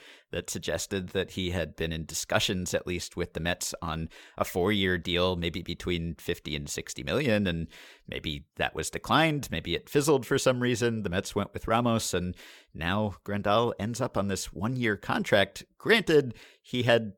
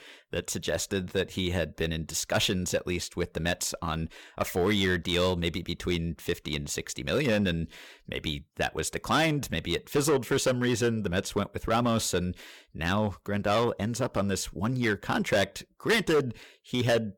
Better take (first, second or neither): first